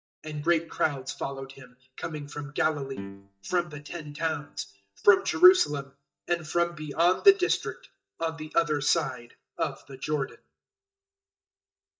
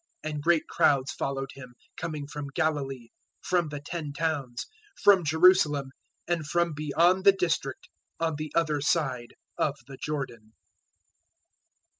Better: second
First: noise reduction (neural mask model DeepFilterNet 3)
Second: none

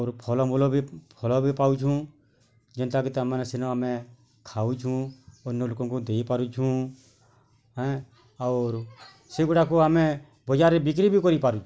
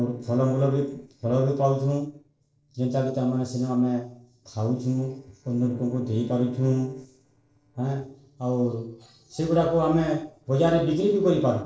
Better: first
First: none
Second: noise reduction (neural separator model SepFormer DNS4)

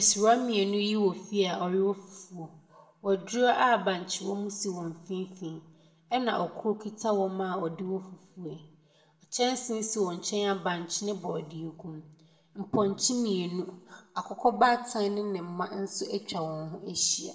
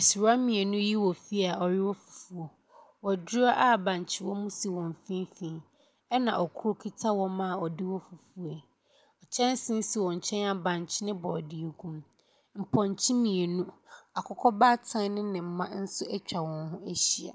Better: second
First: room echo; dies away in 0.6 s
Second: none

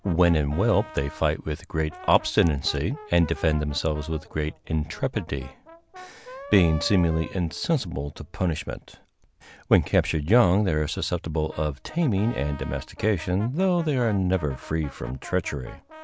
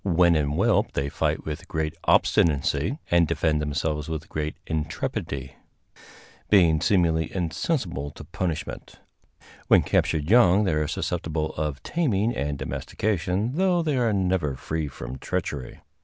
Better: second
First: background sound (Brass instrument); 20 dB below the speech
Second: none

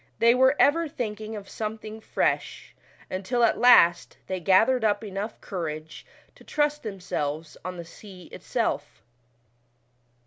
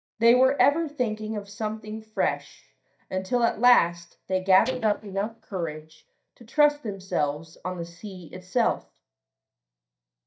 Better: first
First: none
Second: noise reduction (neural mask model DeepFilterNet 3)

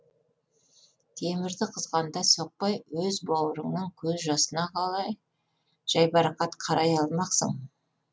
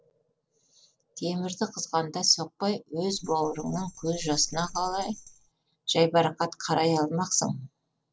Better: first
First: none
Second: noise reduction (neural separator model SepFormer DNS4)

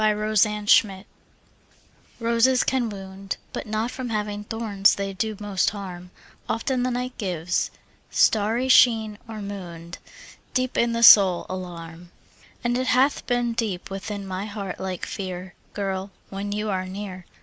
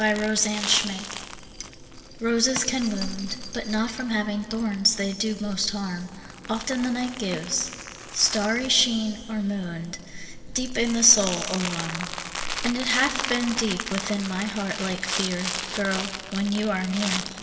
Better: first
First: none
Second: background sound (Crumpling, crinkling); 8 dB below the speech // room echo; dies away in 2.3 s

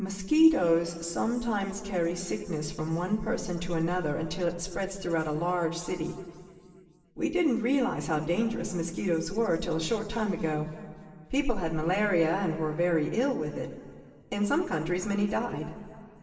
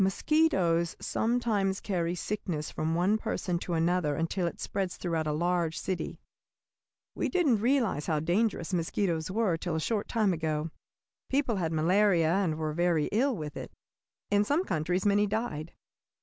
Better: second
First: room echo; dies away in 2.2 s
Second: none

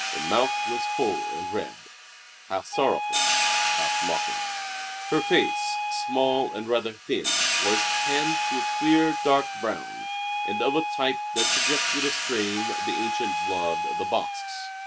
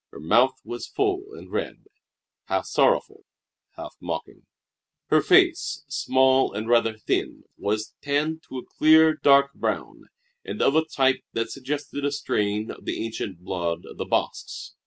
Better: second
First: background sound (Wind instrument, woodwind instrument + Hi-hat); 1 dB above the speech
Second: none

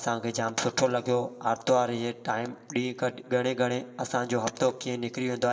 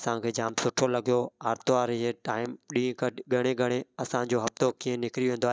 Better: second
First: room echo; dies away in 1.5 s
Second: none

